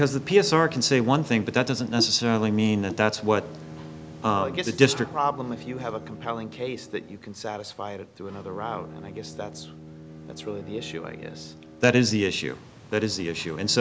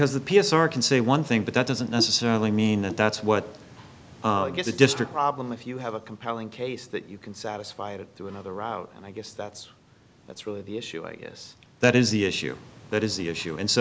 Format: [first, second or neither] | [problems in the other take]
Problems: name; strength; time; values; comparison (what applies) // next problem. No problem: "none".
second | background sound (Bowed string instrument); 18 dB below the speech